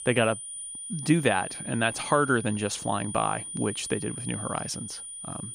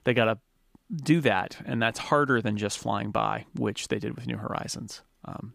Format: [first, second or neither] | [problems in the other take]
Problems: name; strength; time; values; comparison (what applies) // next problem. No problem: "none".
second | high-pitched whine; loud; throughout; 9.5 kHz, 8 dB below the speech